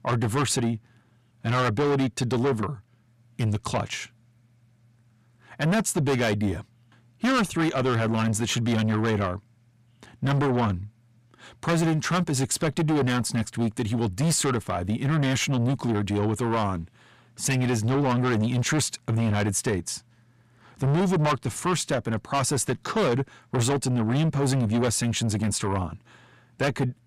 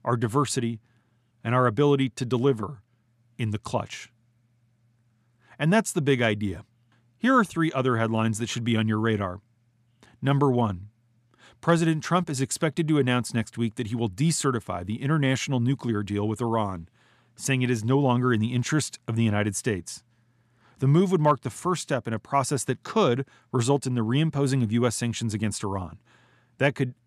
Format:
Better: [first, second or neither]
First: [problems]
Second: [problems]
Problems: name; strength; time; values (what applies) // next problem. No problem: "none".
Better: second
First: distortion; heavy; 6 dB below the speech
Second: none